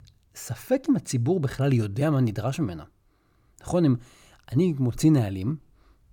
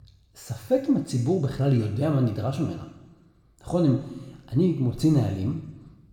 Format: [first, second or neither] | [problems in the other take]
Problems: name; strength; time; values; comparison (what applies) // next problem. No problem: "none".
first | room echo; slight; dies away in 1 s